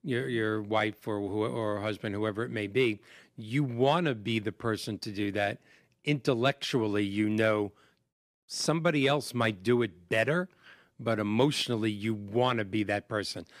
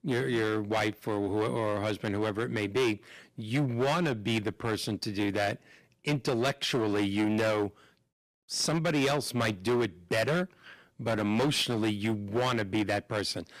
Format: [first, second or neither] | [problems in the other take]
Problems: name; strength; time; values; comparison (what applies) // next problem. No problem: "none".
first | distortion; heavy; 12% of the sound clipped